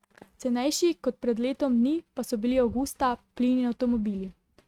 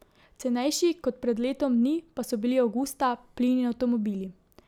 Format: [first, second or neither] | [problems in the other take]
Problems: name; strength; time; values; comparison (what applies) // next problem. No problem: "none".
second | noise reduction (neural mask model RNNoise)